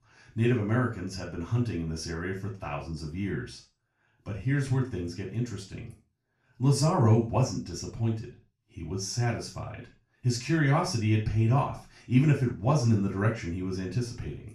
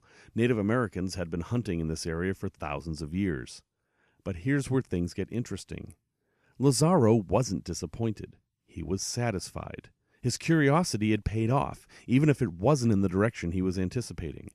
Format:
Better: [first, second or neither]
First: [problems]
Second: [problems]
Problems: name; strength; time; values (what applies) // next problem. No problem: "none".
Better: second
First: room echo; slight; dies away in 0.3 s // off-mic speech; far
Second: none